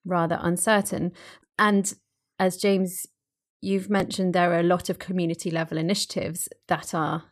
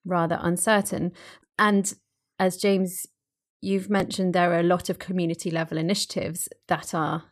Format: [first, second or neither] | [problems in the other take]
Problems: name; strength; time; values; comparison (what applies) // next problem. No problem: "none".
neither | none